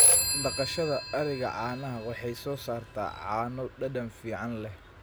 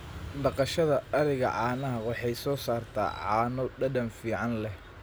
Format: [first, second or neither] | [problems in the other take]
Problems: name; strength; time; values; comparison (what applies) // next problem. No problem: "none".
second | background sound (Telephone); 2 dB above the speech